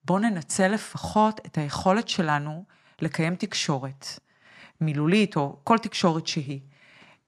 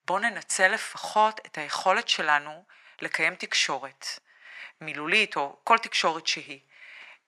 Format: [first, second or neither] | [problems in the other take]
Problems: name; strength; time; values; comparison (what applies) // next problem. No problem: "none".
first | thin; very; fading below 600 Hz